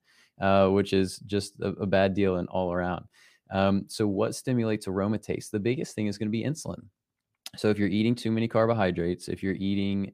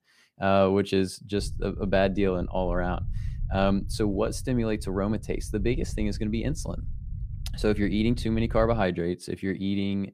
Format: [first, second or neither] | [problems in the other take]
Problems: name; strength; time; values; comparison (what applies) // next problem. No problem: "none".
first | low rumble; faint; from 1.5 to 9 s; 25 dB below the speech